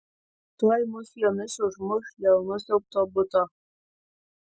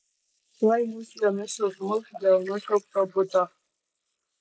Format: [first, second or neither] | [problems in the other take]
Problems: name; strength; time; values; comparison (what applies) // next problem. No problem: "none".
first | noise reduction (neural mask model Resemble Enhance denoiser)